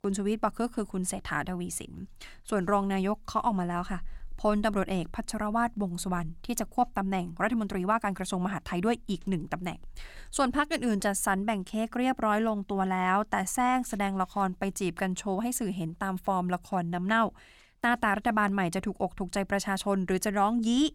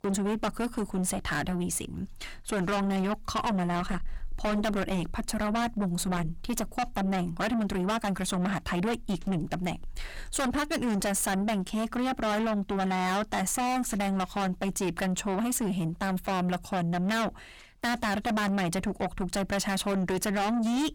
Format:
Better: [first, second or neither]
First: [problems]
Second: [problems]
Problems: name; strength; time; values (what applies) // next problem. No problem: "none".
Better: first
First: none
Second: distortion; heavy; 5 dB below the speech